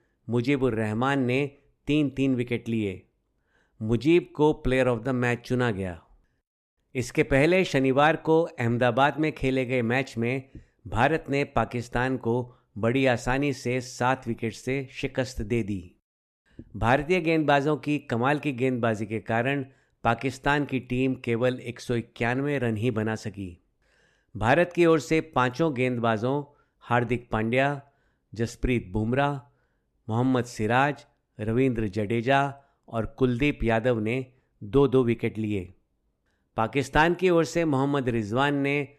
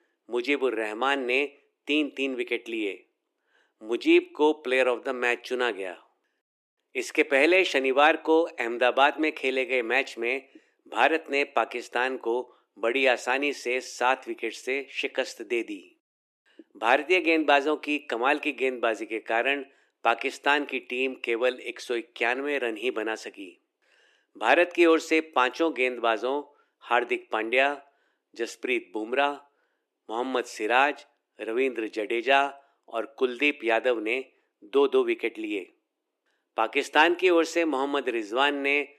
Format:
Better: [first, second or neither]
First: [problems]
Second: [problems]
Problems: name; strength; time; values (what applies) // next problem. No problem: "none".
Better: first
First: none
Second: thin; somewhat; fading below 300 Hz